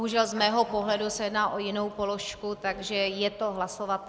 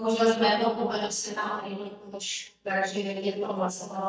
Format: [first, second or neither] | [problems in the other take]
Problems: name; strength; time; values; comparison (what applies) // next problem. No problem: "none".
first | noise reduction (neural mask model DeepFilterNet 3)